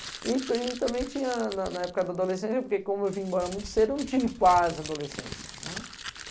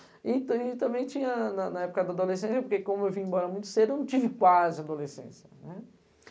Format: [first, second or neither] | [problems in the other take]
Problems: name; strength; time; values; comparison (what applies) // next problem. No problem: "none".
second | background sound (Crumpling, crinkling); 13 dB below the speech